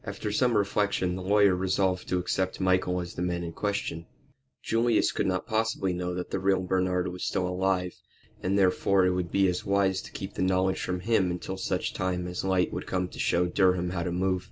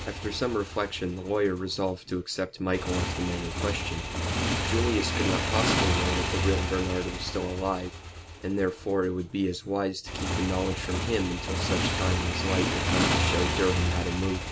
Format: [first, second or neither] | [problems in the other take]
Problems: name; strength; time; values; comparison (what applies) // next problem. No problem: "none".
first | background sound (Motorcycle / Engine); as loud as the speech